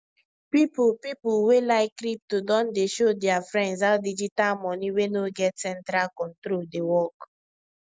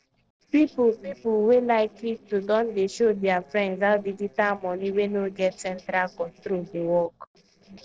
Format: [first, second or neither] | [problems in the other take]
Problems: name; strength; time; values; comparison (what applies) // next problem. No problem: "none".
first | noise reduction (neural separator model SepFormer DNS4)